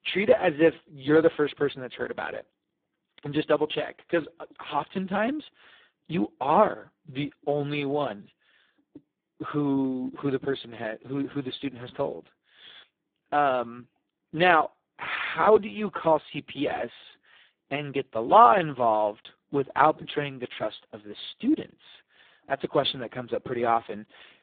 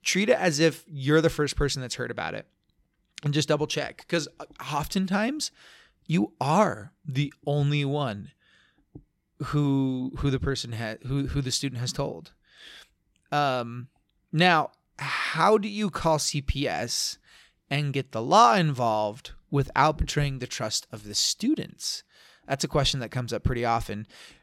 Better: second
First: phone-call audio; poor line; nothing above 3.5 kHz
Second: none

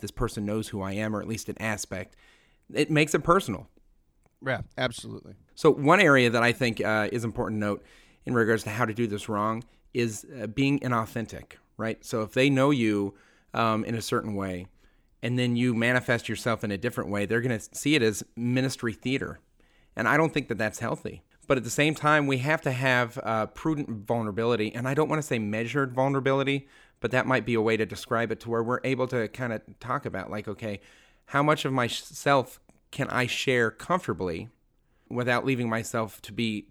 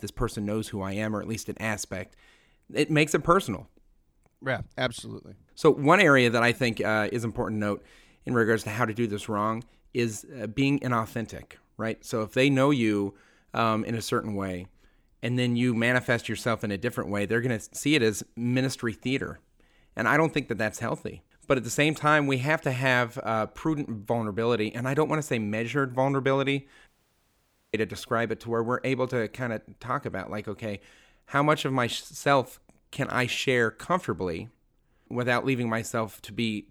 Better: first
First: none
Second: audio cutting out; at 27 s for 1 s

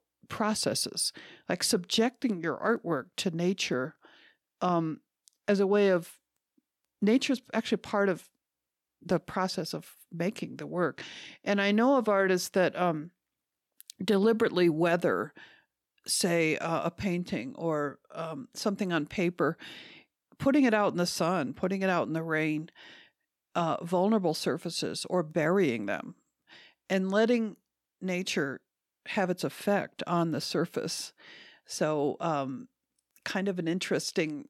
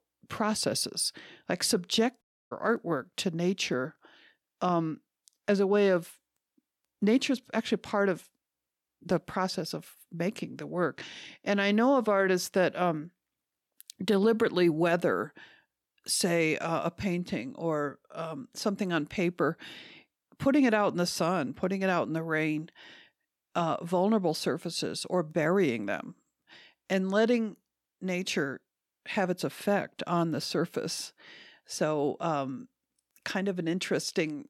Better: first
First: none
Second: audio cutting out; at 2 s

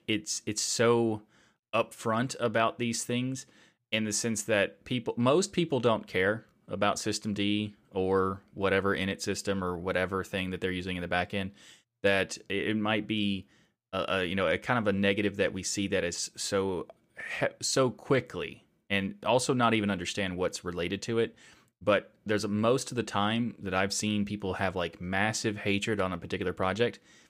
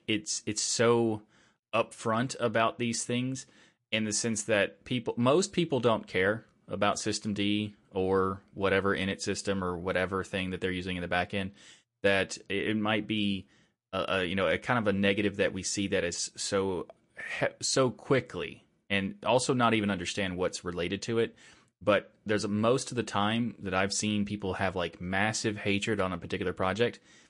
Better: first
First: none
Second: garbled, watery; slightly; nothing above 9.5 kHz

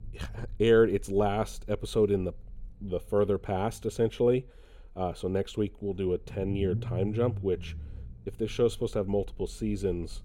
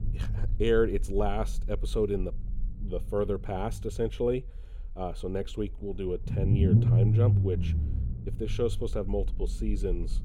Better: first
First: low rumble; faint; throughout; 20 dB below the speech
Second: low rumble; loud; throughout; 6 dB below the speech

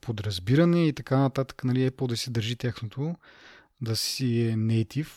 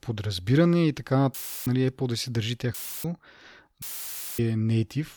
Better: first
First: none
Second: audio cutting out; filled with static; at 1.5 s, at 2.5 s and at 4 s for 0.5 s

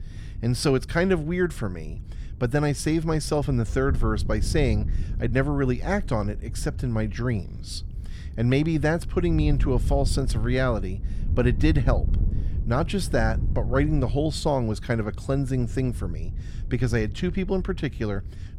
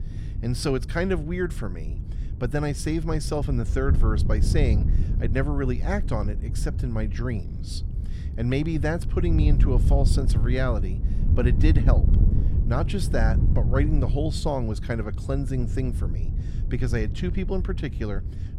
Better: first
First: wind noise on the microphone; occasional gusts; 20 dB below the speech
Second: wind noise on the microphone; heavy; 10 dB below the speech

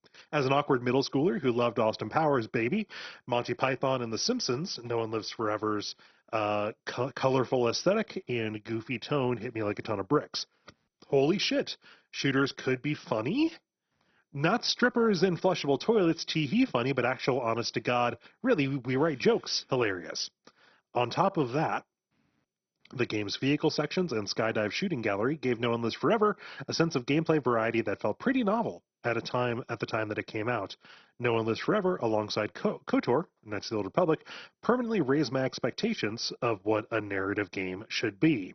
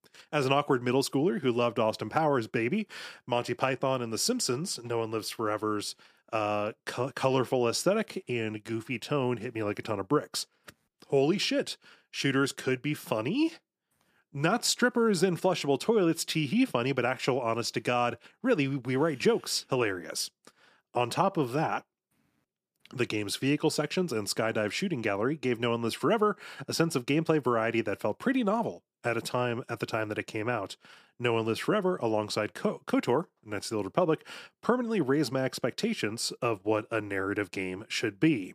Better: second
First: garbled, watery; badly; nothing above 6 kHz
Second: none

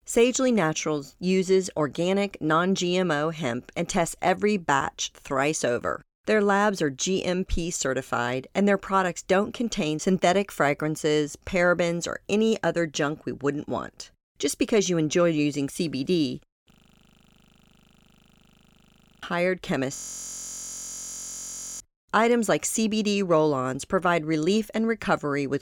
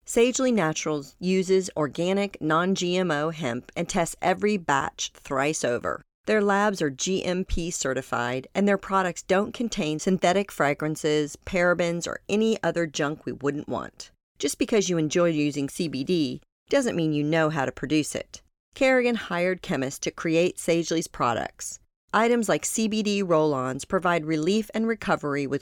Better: second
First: audio freezing; at 17 s for 2.5 s and at 20 s for 2 s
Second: none

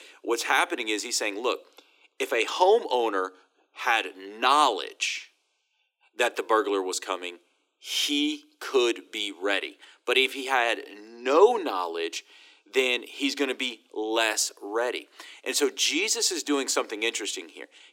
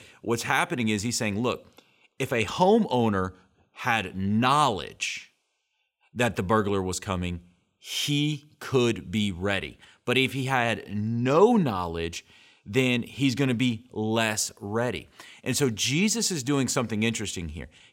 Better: second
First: thin; somewhat; fading below 300 Hz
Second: none

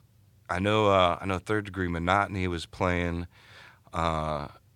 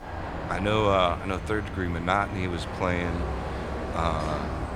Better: first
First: none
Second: traffic noise; loud; throughout; 6 dB below the speech

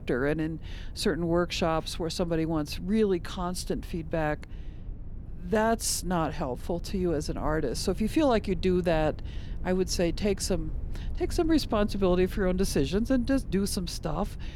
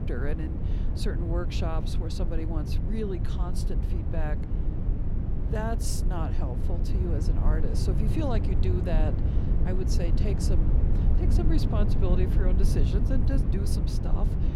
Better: first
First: low rumble; faint; throughout; 25 dB below the speech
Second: low rumble; loud; throughout; 3 dB below the speech

